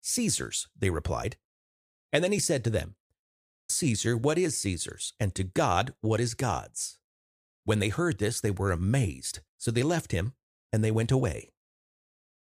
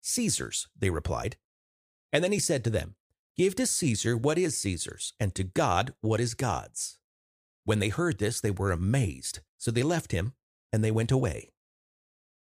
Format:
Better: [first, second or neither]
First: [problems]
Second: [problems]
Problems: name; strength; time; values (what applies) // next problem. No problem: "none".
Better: second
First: audio cutting out; at 3.5 s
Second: none